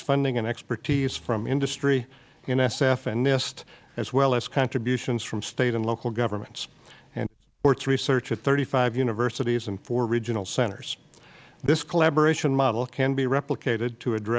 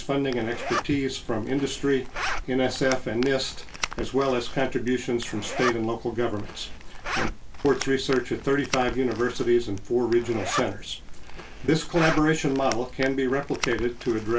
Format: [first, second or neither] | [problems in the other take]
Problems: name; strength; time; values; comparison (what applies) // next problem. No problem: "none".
first | background sound (Zipper (clothing)); 7 dB below the speech // room echo; dies away in 0.2 s